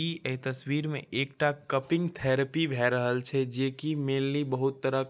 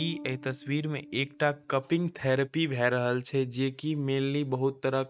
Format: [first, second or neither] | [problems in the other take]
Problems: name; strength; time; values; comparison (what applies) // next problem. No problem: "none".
first | noise reduction (neural mask model RNNoise)